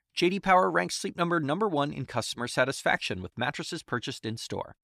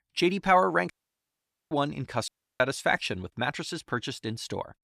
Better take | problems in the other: first | audio cutting out; at 1 s for 1 s and at 2.5 s

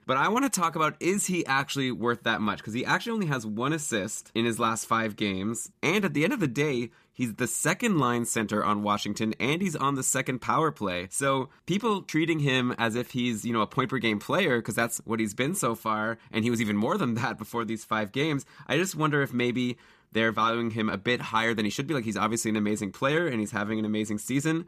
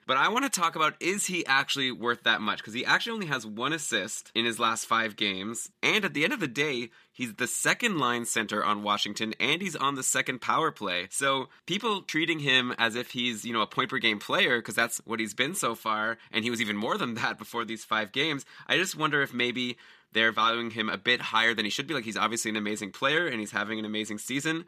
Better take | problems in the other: first | thin; very slightly; fading below 550 Hz

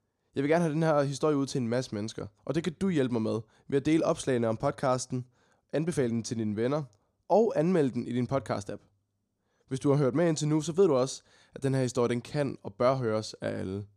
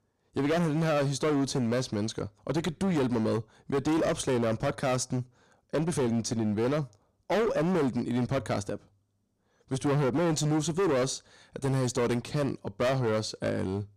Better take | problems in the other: first | distortion; heavy; 19% of the sound clipped

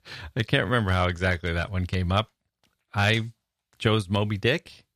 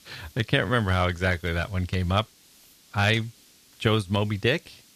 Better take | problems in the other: first | hiss; faint; throughout; 25 dB below the speech

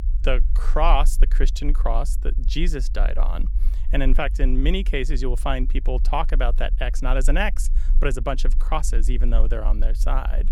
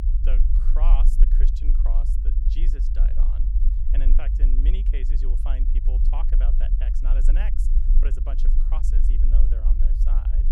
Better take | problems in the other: first | low rumble; loud; throughout; 4 dB below the speech; faint in the first

